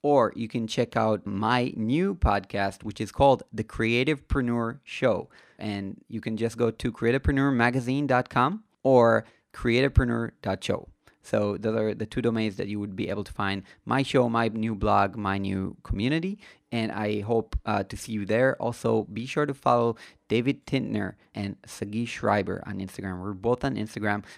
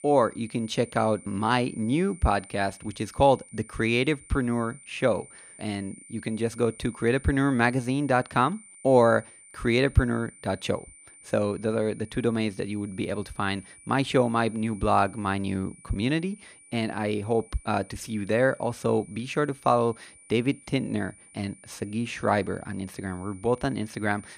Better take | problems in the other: first | high-pitched whine; faint; throughout; 9 kHz, 20 dB below the speech

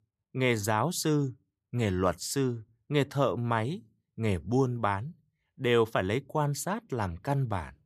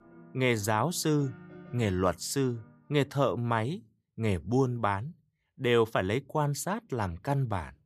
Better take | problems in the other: first | background music; faint; until 2.5 s; 25 dB below the speech

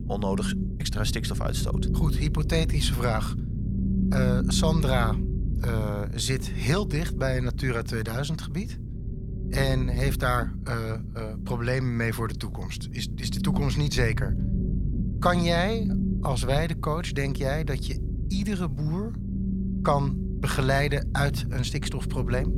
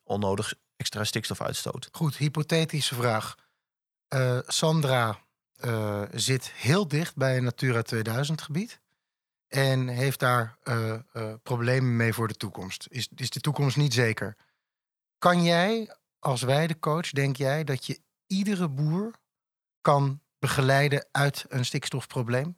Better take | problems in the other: second | low rumble; noticeable; throughout; 10 dB below the speech

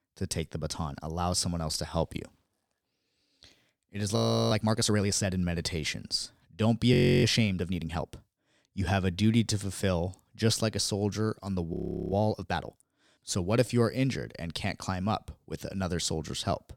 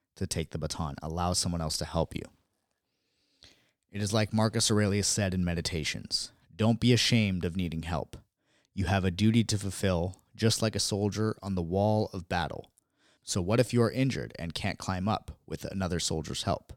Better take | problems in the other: second | audio freezing; at 4 s, at 7 s and at 12 s

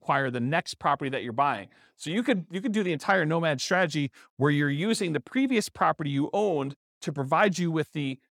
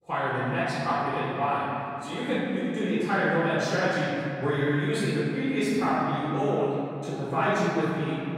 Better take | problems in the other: first | off-mic speech; far // room echo; strong; dies away in 2.7 s

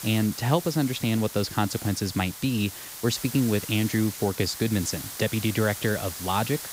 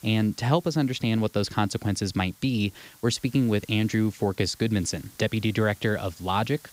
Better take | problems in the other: second | hiss; loud; throughout; 9 dB below the speech; faint in the second

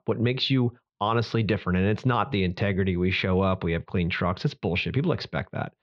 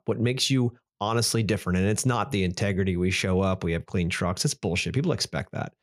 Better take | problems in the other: second | muffled; slightly; fading above 4 kHz

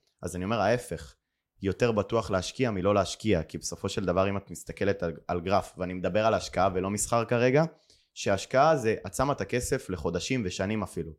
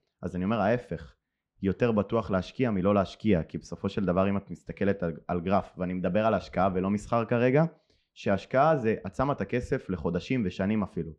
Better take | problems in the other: first | muffled; slightly; fading above 3 kHz

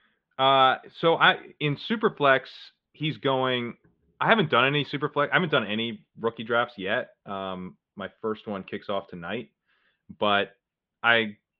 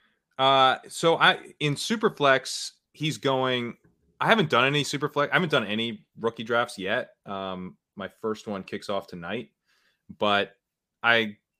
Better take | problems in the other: second | muffled; very slightly; fading above 3.5 kHz

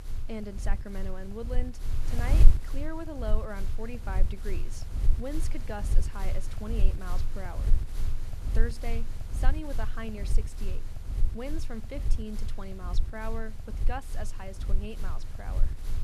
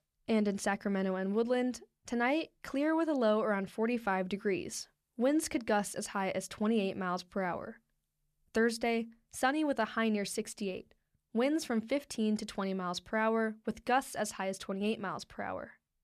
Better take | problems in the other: second | wind noise on the microphone; heavy; 8 dB below the speech

